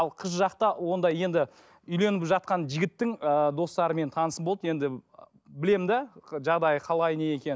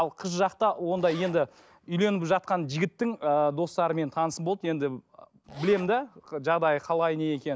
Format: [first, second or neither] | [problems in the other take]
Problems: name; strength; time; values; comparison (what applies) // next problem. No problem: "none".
first | background sound (Zipper (clothing)); 20 dB below the speech